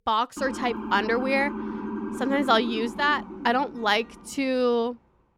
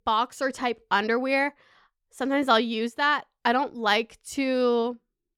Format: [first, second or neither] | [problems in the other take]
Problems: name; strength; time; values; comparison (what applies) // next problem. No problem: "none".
second | siren; noticeable; until 4.5 s; peak 7 dB below the speech